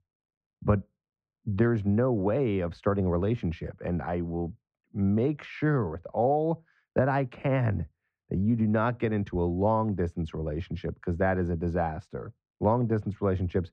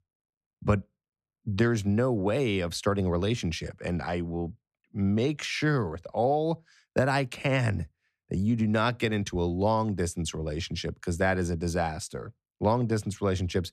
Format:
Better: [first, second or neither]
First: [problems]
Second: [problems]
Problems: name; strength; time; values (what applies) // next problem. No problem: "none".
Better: second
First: muffled; very; fading above 4 kHz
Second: none